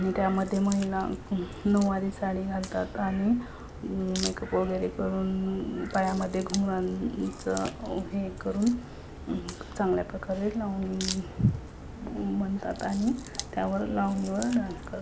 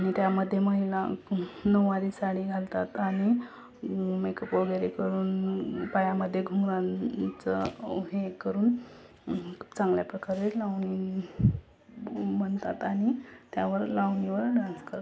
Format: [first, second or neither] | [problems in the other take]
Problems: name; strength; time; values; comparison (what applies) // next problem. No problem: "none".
second | background sound (Crack); 12 dB below the speech